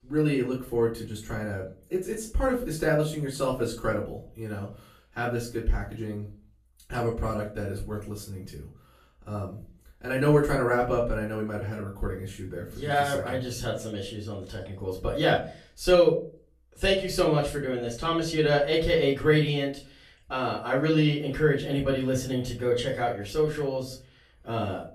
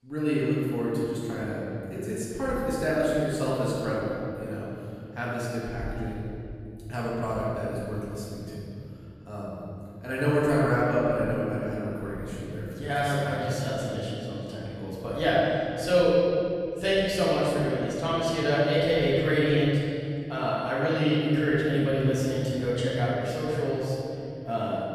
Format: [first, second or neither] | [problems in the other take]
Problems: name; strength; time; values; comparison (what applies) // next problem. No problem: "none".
first | room echo; strong; dies away in 2.9 s; slight in the first // off-mic speech; far; far in the first